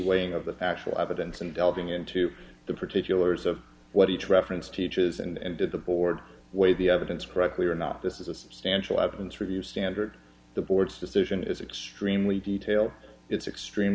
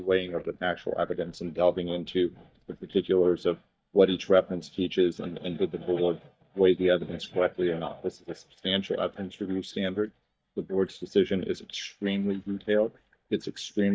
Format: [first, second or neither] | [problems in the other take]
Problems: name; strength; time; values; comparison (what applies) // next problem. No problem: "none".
first | noise reduction (neural mask model DeepFilterNet 3)